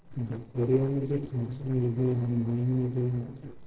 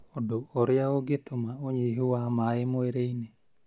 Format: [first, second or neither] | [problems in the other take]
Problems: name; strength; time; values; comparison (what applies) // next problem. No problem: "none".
second | noise reduction (neural separator model SepFormer DNS4)